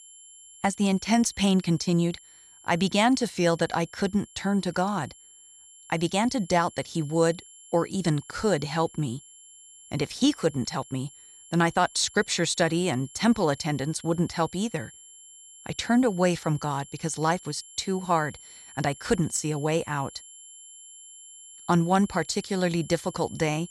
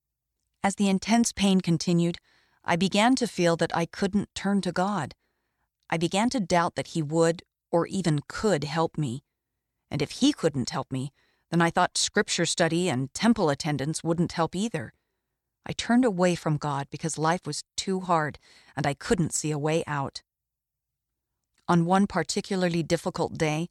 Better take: second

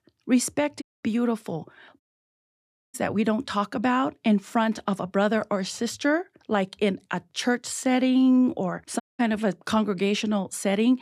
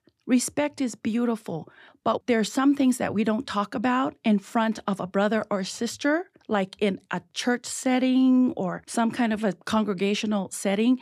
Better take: second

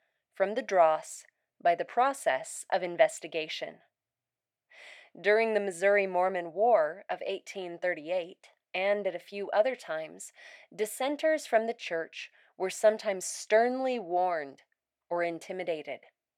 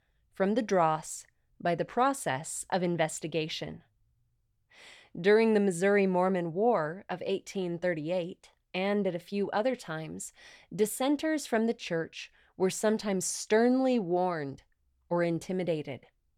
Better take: second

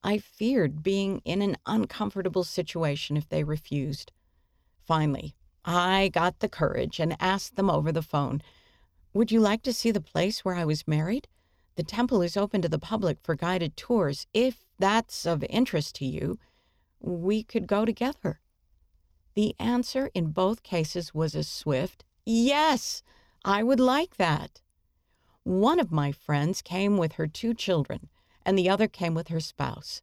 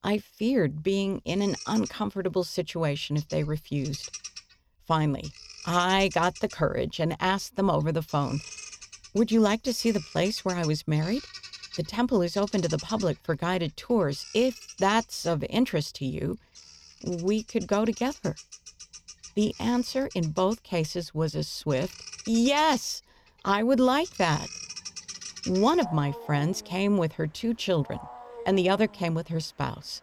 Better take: first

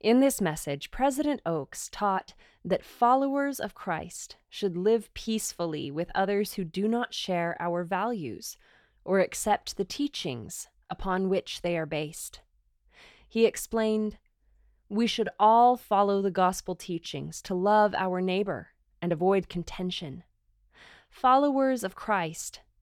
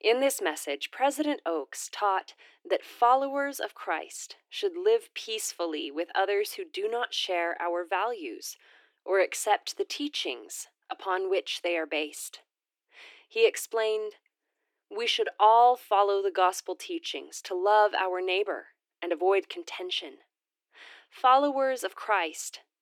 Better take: first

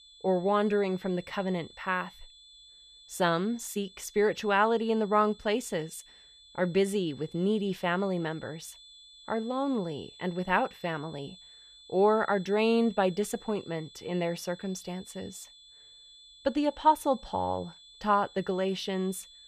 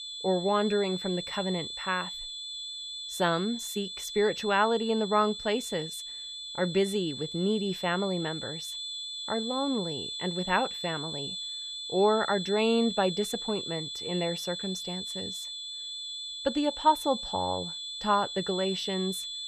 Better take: first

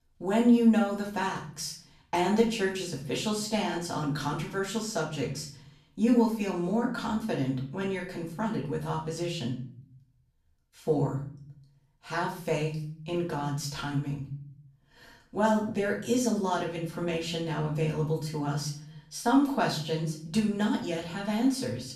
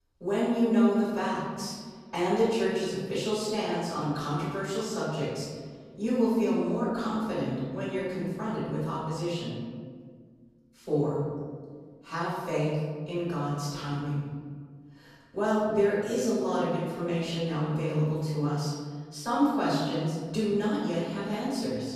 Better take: first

